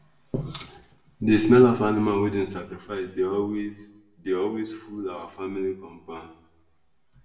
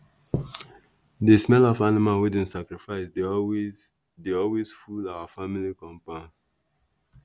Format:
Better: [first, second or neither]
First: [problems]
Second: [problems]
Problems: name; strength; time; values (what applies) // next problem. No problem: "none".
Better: second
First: room echo; dies away in 0.7 s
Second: none